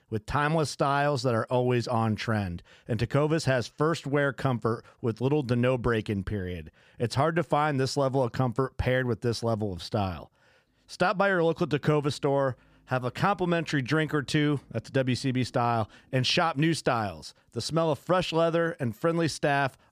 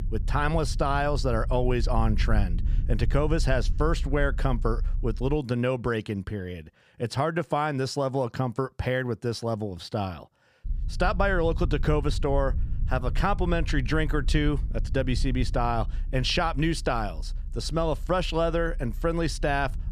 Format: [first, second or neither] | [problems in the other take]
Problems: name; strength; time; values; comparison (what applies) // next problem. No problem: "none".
first | low rumble; faint; until 5.5 s and from 11 s on; 20 dB below the speech